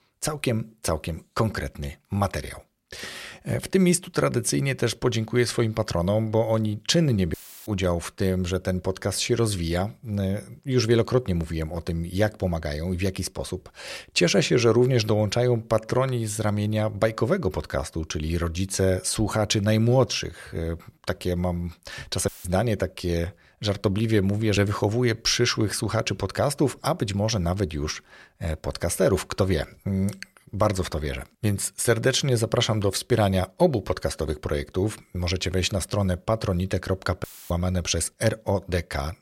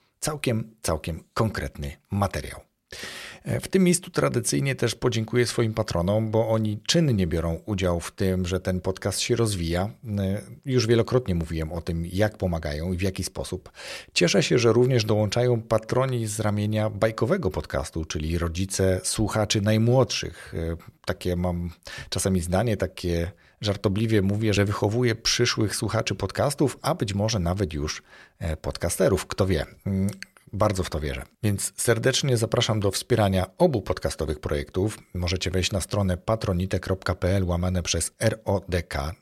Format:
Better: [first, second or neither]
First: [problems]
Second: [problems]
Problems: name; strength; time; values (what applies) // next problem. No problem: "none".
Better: second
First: audio cutting out; filled with static; at 7.5 s, at 22 s and at 37 s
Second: none